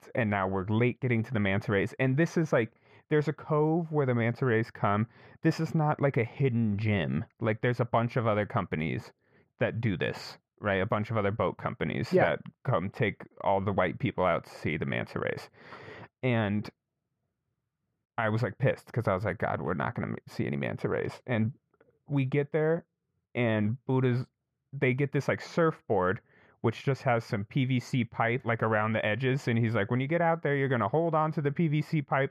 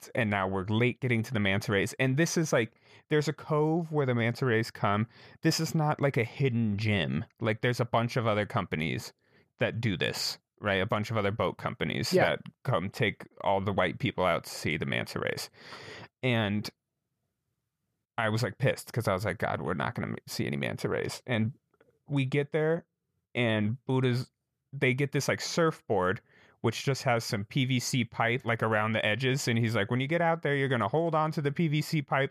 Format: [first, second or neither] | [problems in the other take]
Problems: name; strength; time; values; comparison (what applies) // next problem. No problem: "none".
second | muffled; slightly; fading above 3.5 kHz